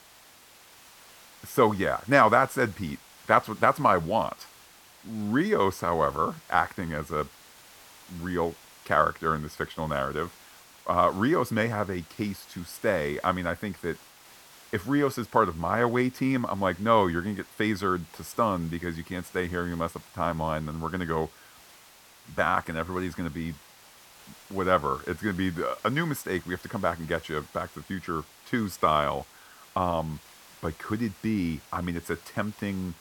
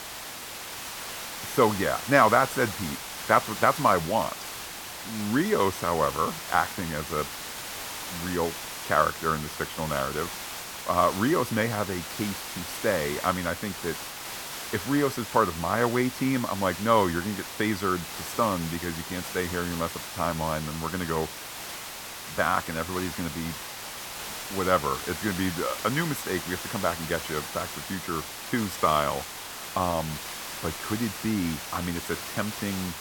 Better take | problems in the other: first | hiss; loud; throughout; 7 dB below the speech; faint in the first

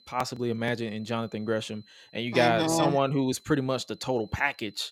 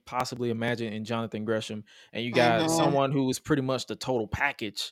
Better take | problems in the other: second | high-pitched whine; faint; throughout; 4 kHz, 30 dB below the speech

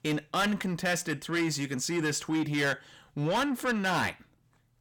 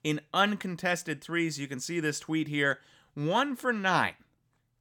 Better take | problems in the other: second | distortion; heavy; 7 dB below the speech

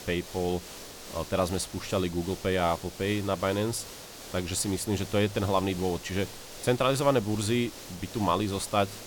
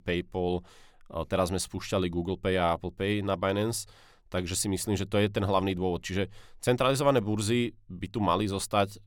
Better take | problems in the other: second | hiss; noticeable; throughout; 15 dB below the speech

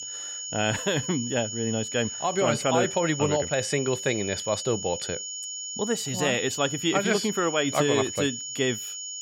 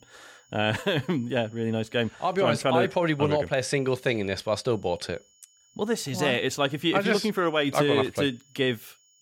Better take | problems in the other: second | high-pitched whine; loud; throughout; 7 kHz, 6 dB below the speech; faint in the second

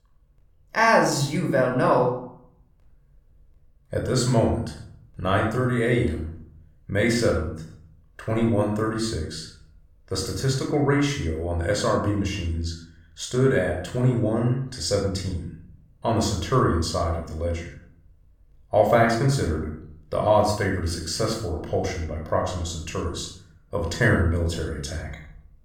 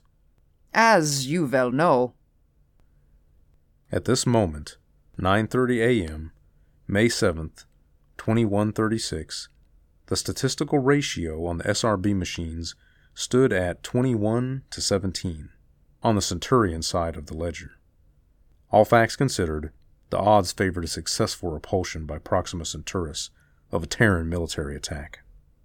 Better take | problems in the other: second | off-mic speech; somewhat distant // room echo; noticeable; dies away in 0.5 s

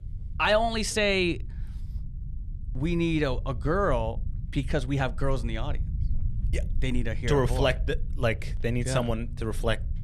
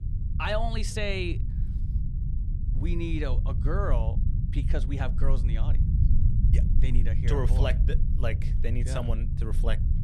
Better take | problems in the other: first | low rumble; loud; throughout; 9 dB below the speech; faint in the first

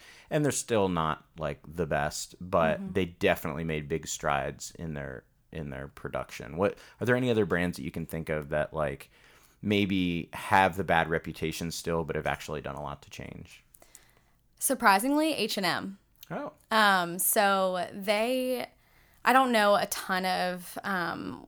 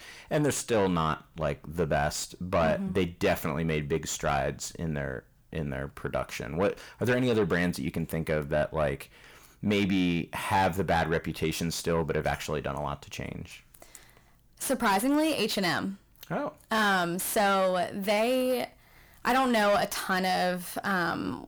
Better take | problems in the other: first | distortion; heavy; 7 dB below the speech

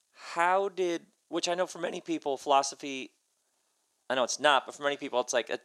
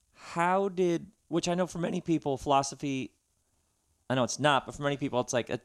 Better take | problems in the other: second | thin; somewhat; fading below 450 Hz

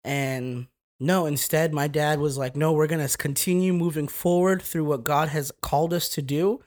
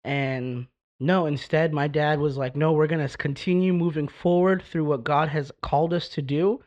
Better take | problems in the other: first | muffled; slightly; fading above 4 kHz

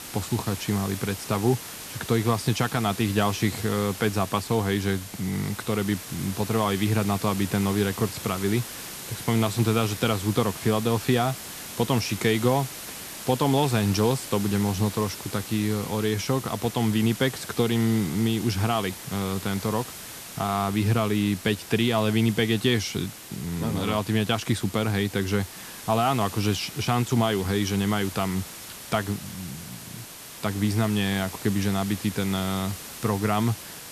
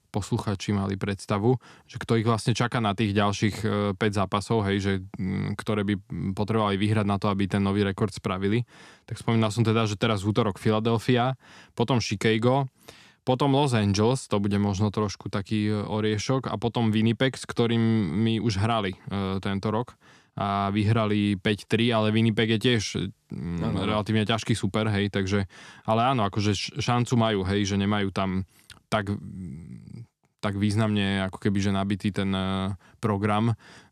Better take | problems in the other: second | hiss; noticeable; throughout; 10 dB below the speech

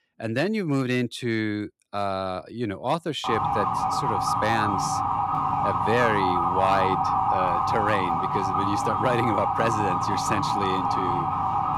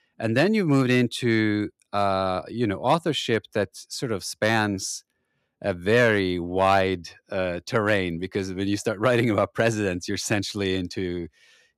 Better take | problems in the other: second | siren; loud; from 3 s on; peak 5 dB above the speech

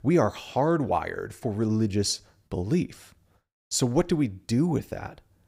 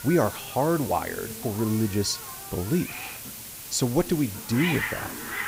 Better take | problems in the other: first | hiss; loud; throughout; 7 dB below the speech

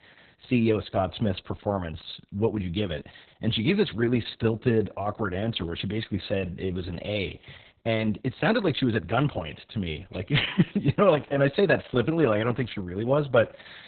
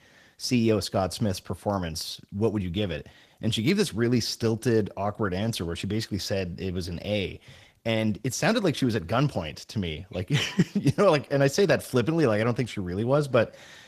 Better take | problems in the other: second | garbled, watery; badly; nothing above 4 kHz; slightly in the second

